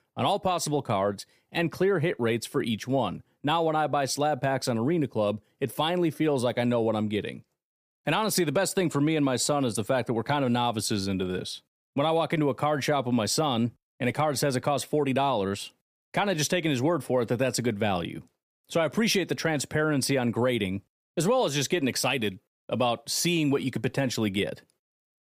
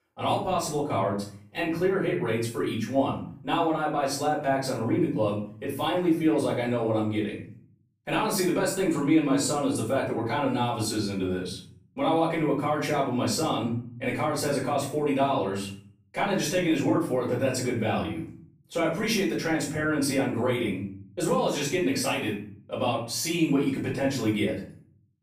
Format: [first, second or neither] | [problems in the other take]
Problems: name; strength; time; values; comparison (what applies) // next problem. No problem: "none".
first | off-mic speech; far // room echo; noticeable; dies away in 0.5 s